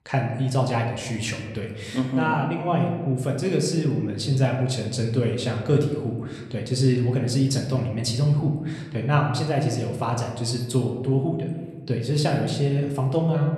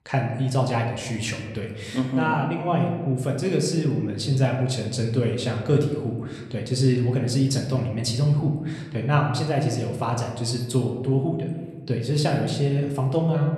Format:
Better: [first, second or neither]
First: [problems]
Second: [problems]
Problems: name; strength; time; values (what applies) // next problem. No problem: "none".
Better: neither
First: room echo; slight; dies away in 1.1 s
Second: room echo; slight; dies away in 1.1 s